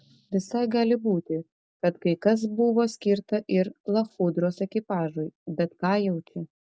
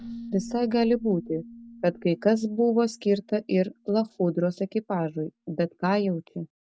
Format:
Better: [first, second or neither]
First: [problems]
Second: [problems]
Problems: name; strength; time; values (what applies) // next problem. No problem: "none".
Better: first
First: none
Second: background sound (Keyboard (musical)); 19 dB below the speech